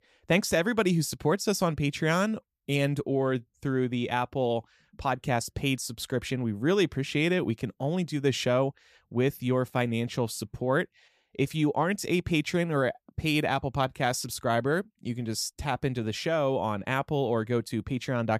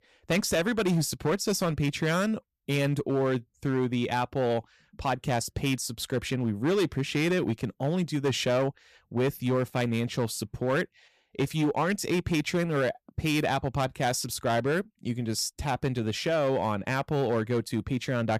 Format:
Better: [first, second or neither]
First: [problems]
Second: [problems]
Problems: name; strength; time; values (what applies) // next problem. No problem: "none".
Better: first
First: none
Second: distortion; slight; 8% of the sound clipped